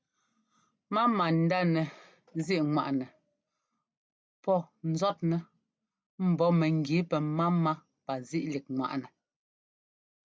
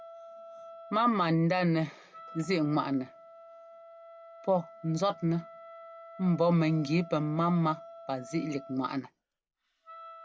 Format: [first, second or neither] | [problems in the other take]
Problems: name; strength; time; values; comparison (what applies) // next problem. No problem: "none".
first | background sound (Wind instrument, woodwind instrument); 18 dB below the speech